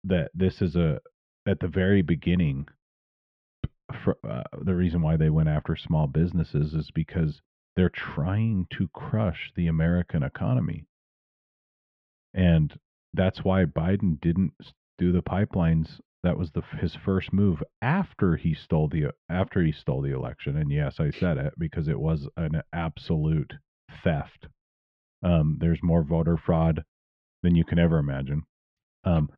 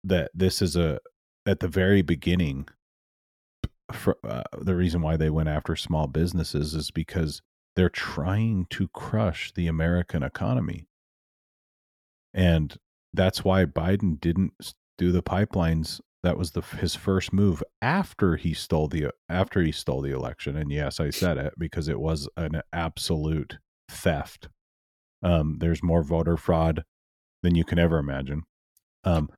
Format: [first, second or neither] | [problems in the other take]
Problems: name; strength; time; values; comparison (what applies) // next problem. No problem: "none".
second | muffled; very; fading above 3 kHz